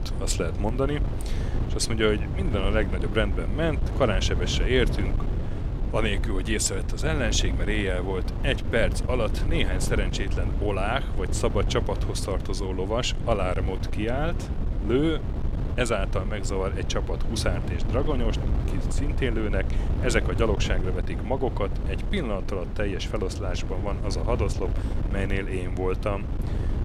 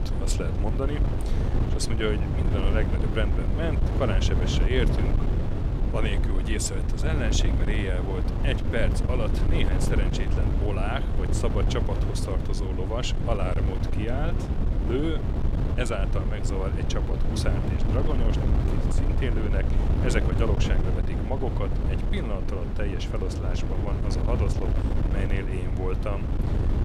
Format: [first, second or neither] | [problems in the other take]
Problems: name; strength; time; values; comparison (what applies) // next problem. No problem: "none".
first | wind noise on the microphone; heavy; 3 dB below the speech; occasional gusts in the first